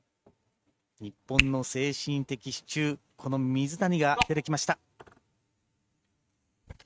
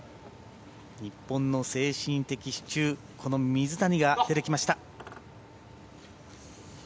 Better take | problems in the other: second | noise reduction (neural mask model RNNoise)

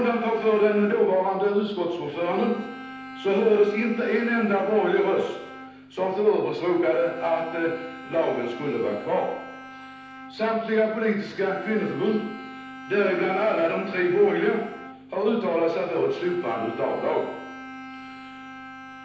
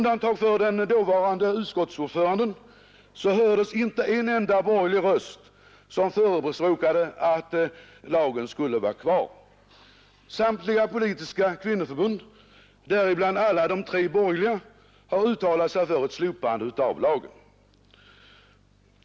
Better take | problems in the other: second | background sound (Bowed string instrument); 16 dB below the speech // room echo; dies away in 0.9 s

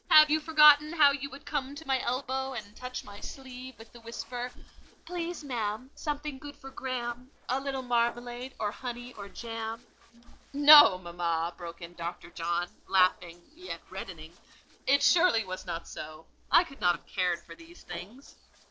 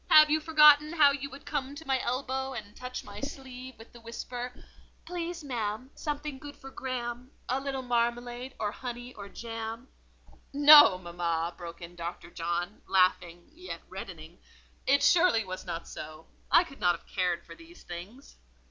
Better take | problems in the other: second | noise reduction (neural separator model SepFormer DNS4)

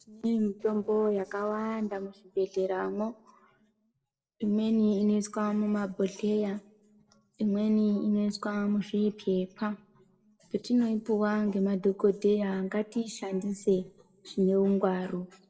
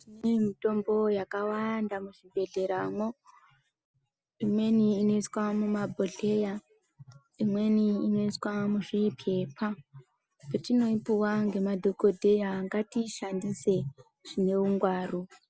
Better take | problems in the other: second | noise reduction (neural separator model SepFormer DNS4)

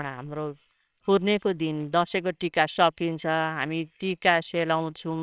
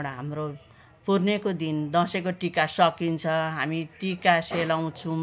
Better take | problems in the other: second | noise reduction (neural separator model SepFormer WHAMR!)

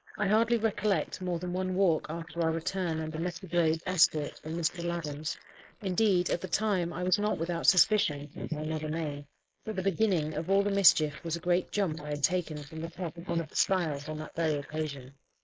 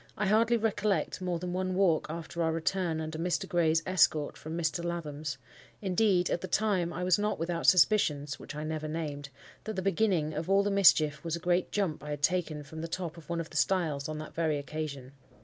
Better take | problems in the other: second | noise reduction (neural mask model Resemble Enhance denoiser)

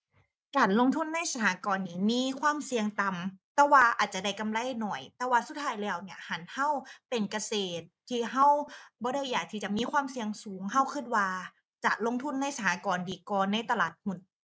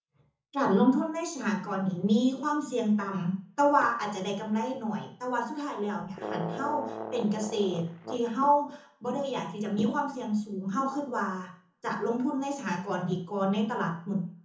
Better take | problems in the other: first | background sound (Brass instrument); 10 dB below the speech // room echo; dies away in 0.5 s

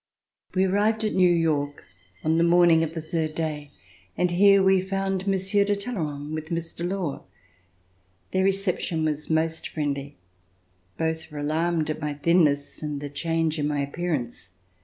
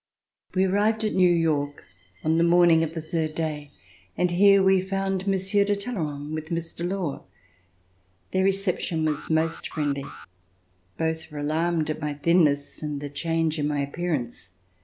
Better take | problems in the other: first | background sound (Alarm); 17 dB below the speech

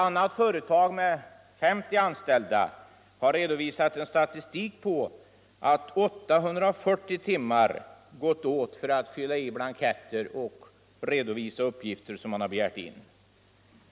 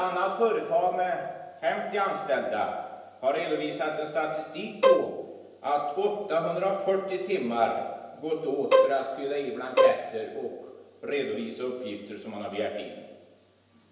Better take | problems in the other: first | background sound (Bowed string instrument); 4 dB above the speech // room echo; dies away in 1 s

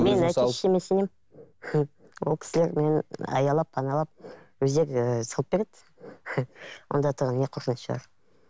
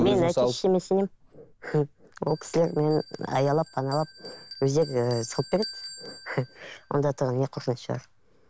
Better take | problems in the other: first | background sound (Bell); 20 dB below the speech

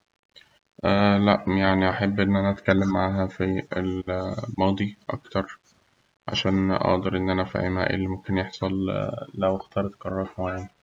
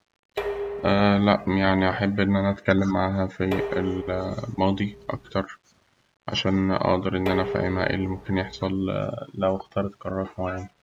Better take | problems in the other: first | background sound (Dishes, pots, and pans); 11 dB below the speech

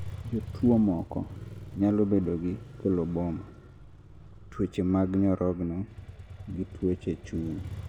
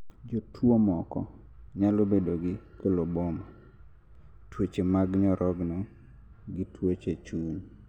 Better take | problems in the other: second | background sound (Motorcycle); 14 dB below the speech

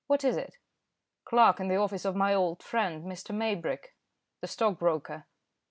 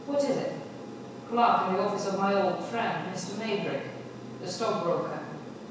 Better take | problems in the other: first | background sound (Aircraft); 12 dB below the speech // room echo; dies away in 1.1 s

